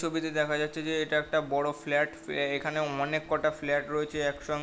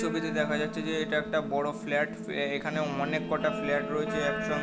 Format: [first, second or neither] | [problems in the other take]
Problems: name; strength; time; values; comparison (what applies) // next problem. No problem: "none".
first | background sound (Guitar); 4 dB below the speech